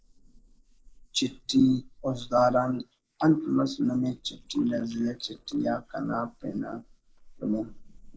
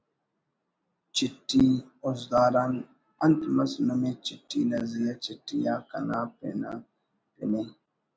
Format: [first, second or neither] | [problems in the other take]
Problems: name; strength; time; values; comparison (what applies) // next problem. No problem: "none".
second | noise reduction (neural mask model Resemble Enhance denoiser)